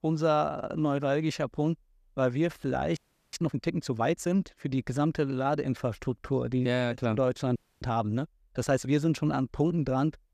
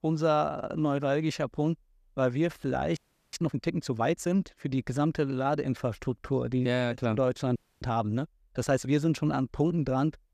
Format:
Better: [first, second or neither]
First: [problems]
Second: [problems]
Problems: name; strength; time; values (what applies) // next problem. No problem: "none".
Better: neither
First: audio freezing; at 3 s and at 7.5 s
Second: audio freezing; at 3 s and at 7.5 s